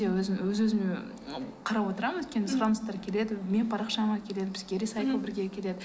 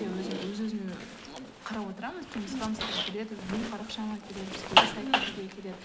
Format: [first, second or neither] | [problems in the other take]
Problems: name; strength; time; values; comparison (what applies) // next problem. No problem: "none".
first | background sound (Zipper (clothing)); 3 dB above the speech